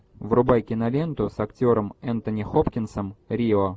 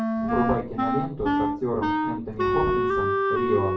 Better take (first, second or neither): first